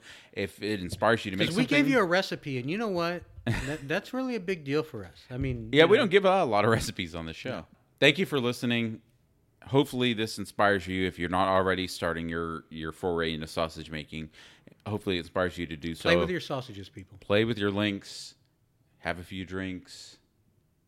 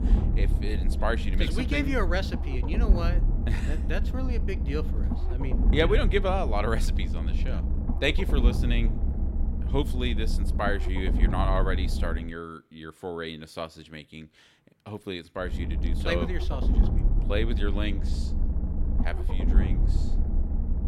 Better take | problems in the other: first | low rumble; loud; until 12 s and from 15 s on; 10 dB below the speech

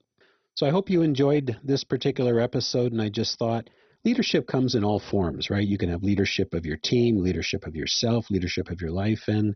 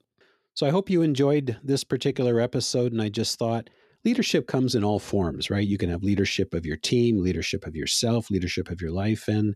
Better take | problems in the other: second | garbled, watery; badly; nothing above 6 kHz

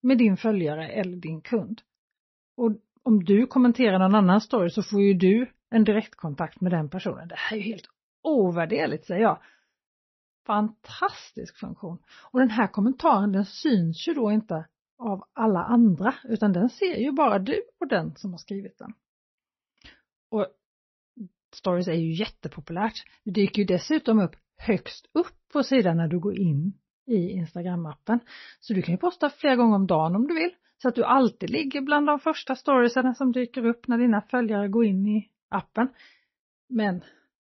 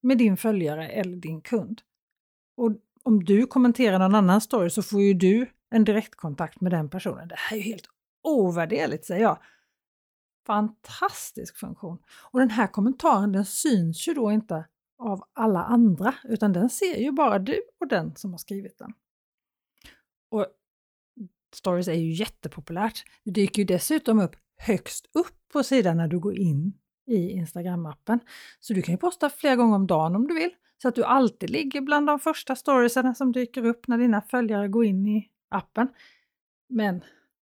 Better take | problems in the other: second | garbled, watery; slightly; nothing above 6 kHz

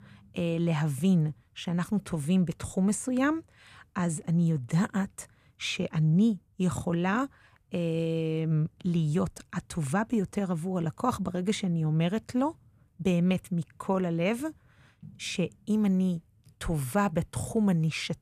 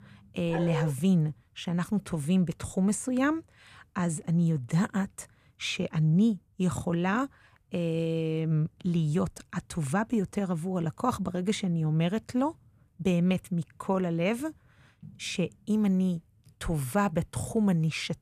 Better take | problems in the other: first | dog barking; noticeable; at 0.5 s; peak 6 dB below the speech

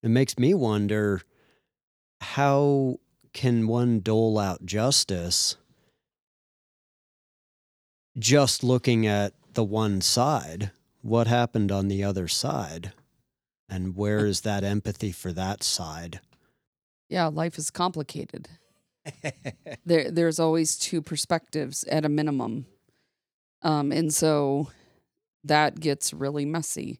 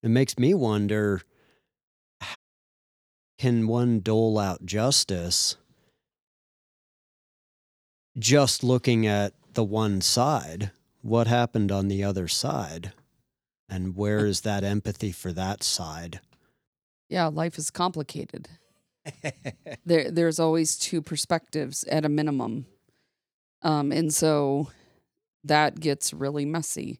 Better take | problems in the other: first | audio cutting out; at 2.5 s for 1 s

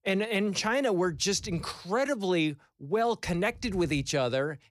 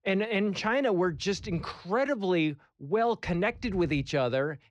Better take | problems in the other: first | muffled; slightly; fading above 3.5 kHz

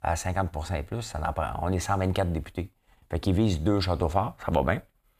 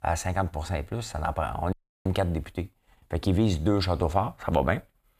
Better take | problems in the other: first | audio cutting out; at 1.5 s

